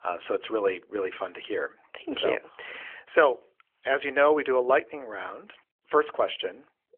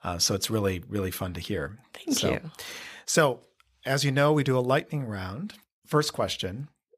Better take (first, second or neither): second